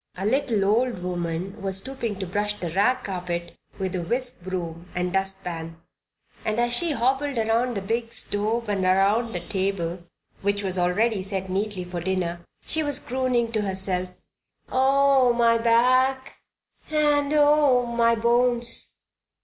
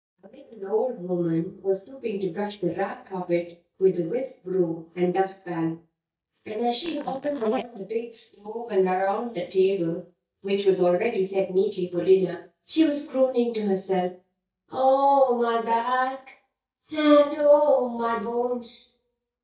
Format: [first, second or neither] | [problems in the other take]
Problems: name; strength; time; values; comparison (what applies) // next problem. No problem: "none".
first | noise reduction (neural mask model DeepFilterNet 3)